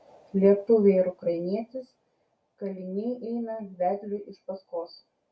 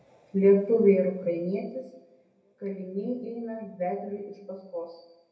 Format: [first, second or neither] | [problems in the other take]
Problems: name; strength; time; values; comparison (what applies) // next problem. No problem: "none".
first | room echo; dies away in 0.8 s